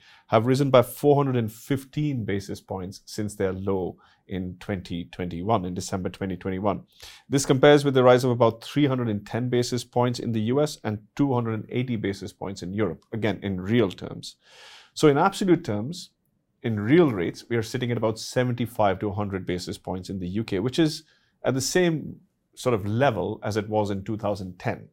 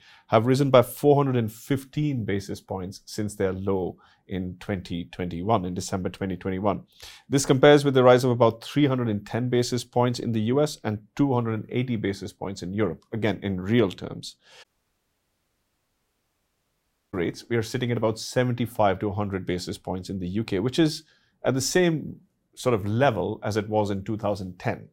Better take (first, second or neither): first